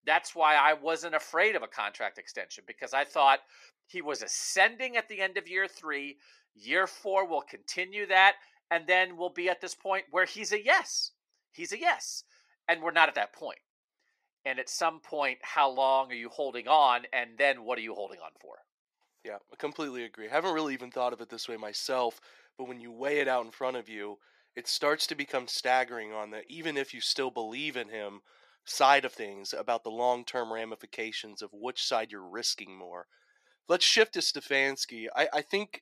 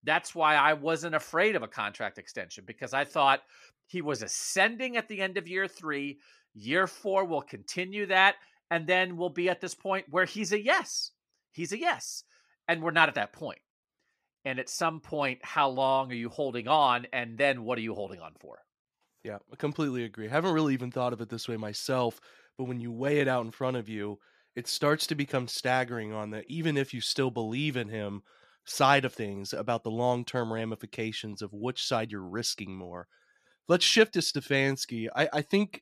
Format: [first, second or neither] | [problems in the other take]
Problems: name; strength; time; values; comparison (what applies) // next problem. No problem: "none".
second | thin; somewhat; fading below 400 Hz